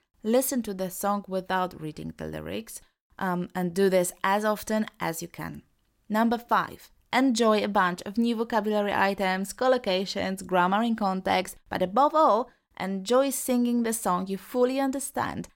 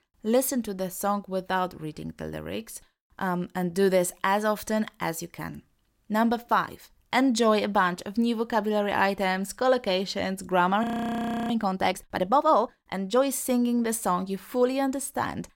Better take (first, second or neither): first